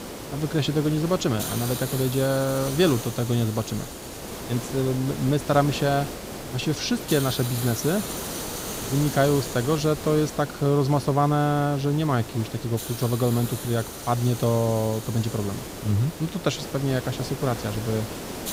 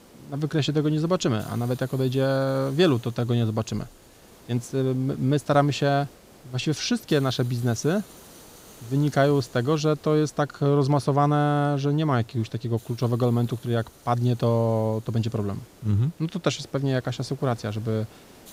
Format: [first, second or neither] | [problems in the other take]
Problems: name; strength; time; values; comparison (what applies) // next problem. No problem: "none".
second | hiss; loud; throughout; 9 dB below the speech; faint in the second